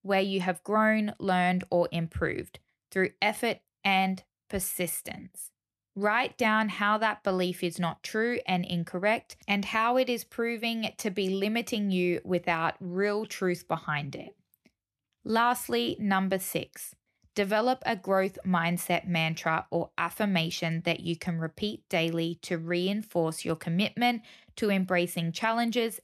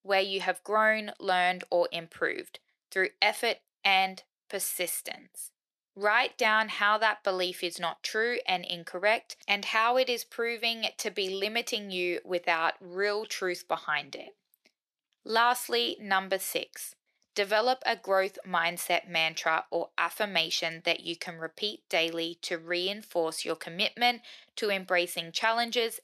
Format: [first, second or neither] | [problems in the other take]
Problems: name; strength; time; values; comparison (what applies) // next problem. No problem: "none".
first | thin; somewhat; fading below 450 Hz